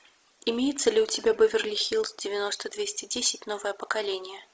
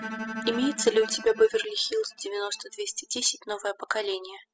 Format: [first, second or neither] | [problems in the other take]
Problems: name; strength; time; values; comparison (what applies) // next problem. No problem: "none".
first | noise reduction (classical method spectral subtraction)